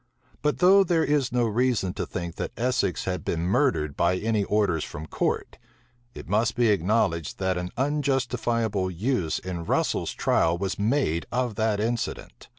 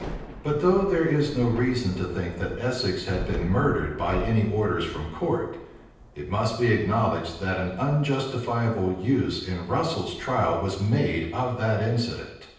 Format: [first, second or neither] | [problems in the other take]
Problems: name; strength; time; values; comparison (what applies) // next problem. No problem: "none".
first | background sound (Thunder / Rain); 14 dB below the speech // room echo; dies away in 0.9 s